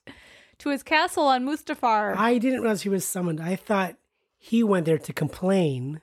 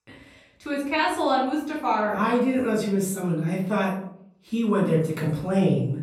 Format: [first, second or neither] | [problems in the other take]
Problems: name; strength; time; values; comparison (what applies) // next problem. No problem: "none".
first | off-mic speech; far // room echo; noticeable; dies away in 0.6 s